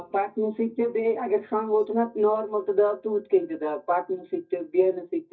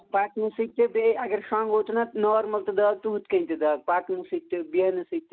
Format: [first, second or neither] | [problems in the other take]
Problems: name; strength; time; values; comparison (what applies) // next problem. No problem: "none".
second | noise reduction (neural mask model DeepFilterNet 3)